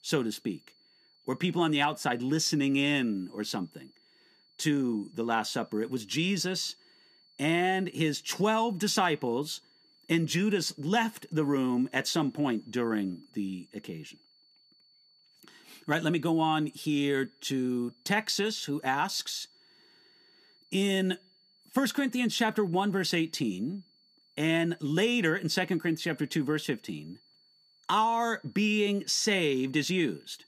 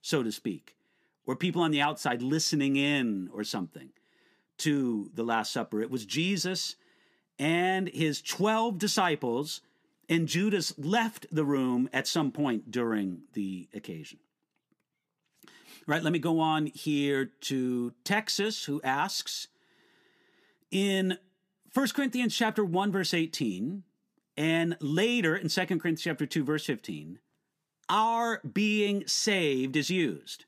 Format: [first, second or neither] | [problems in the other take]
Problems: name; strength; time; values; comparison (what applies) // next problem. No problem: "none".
second | high-pitched whine; faint; throughout; 4.5 kHz, 30 dB below the speech